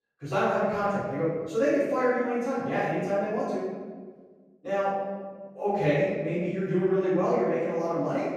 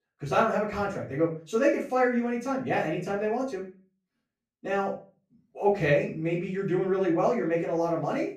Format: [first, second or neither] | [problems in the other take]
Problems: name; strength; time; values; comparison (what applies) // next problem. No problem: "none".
second | room echo; strong; dies away in 1.5 s; slight in the second // off-mic speech; far; far in the second